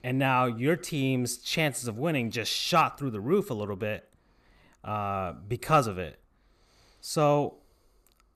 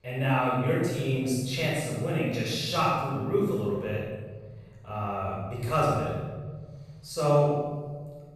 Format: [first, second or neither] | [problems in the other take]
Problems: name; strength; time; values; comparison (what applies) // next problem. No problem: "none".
first | room echo; strong; dies away in 1.6 s // off-mic speech; far